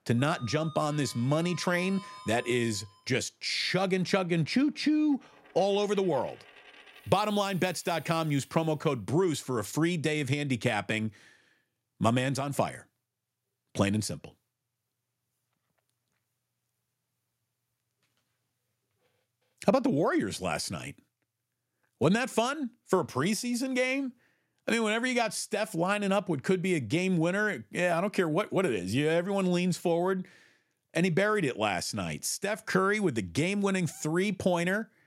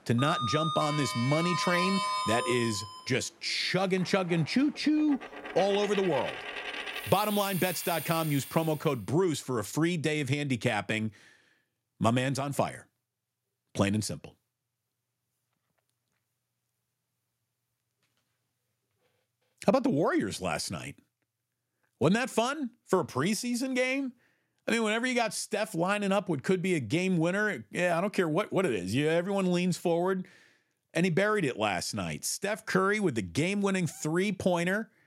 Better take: first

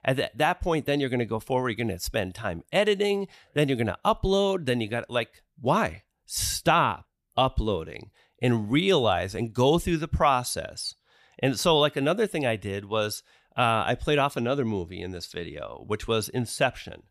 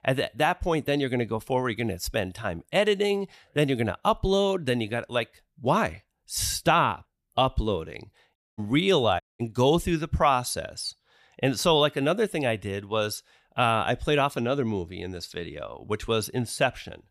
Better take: first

